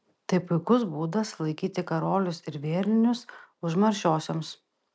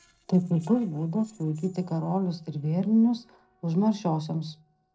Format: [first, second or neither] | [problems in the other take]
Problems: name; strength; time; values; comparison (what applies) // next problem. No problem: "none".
first | noise reduction (neural separator model SepFormer DNS4)